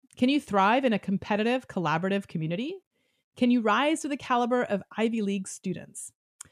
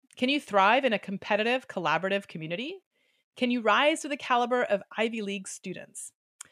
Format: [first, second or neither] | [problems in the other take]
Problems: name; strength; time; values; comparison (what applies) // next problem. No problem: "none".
first | thin; very slightly; fading below 350 Hz